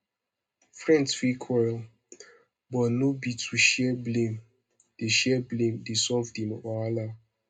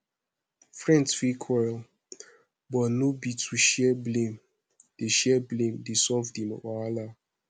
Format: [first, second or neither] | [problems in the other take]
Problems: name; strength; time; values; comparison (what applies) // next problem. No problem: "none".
second | room echo; dies away in 0.2 s